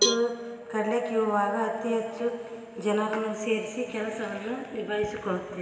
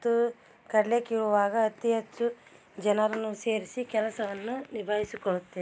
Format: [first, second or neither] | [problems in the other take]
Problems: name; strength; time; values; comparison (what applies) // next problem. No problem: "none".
second | background sound (Cowbell); 4 dB below the speech // room echo; dies away in 2.8 s